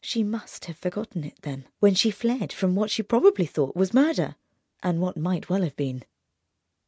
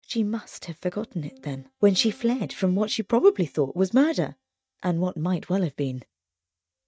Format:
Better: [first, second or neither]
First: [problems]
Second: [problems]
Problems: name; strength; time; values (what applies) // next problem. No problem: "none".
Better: first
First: none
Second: noise reduction (neural mask model DeepFilterNet 3)